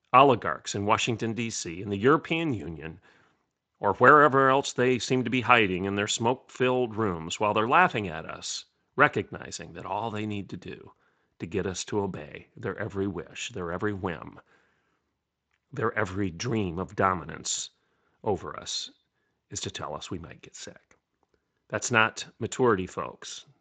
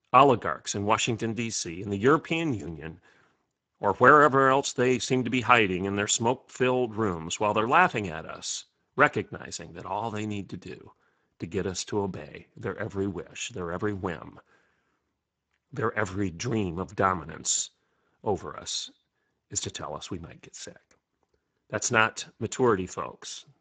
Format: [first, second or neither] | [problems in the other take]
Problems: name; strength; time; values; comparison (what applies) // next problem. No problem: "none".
first | garbled, watery; badly; nothing above 7.5 kHz; slightly in the first